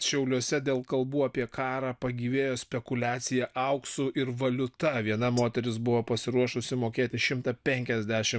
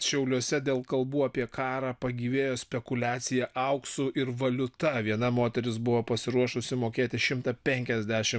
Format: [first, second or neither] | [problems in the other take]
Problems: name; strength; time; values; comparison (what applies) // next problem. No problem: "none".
second | noise reduction (neural mask model DeepFilterNet 3)